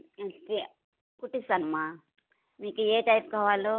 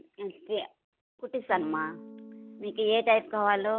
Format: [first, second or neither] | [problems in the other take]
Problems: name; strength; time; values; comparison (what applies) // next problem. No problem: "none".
first | background sound (Electric guitar / Strum); 17 dB below the speech